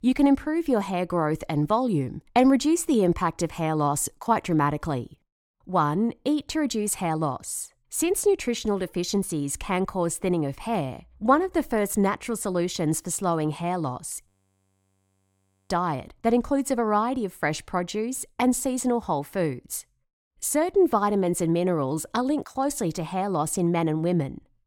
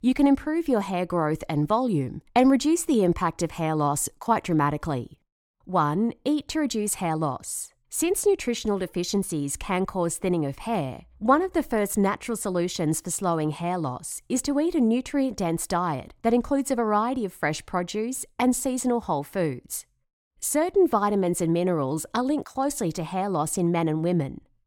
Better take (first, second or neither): second